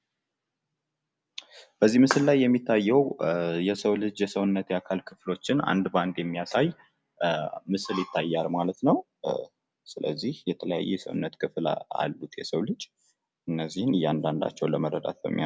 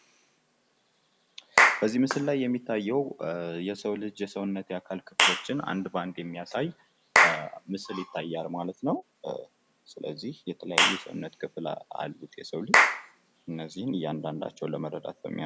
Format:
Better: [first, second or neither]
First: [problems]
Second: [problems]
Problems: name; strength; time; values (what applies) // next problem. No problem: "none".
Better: first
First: none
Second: background sound (Clapping / Chirp, tweet); 2 dB above the speech